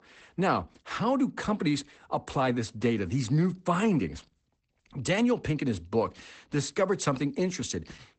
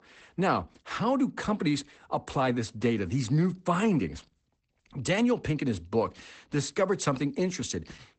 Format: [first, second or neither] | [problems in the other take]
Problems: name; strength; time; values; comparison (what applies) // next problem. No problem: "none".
neither | garbled, watery; badly; nothing above 8 kHz; the same in both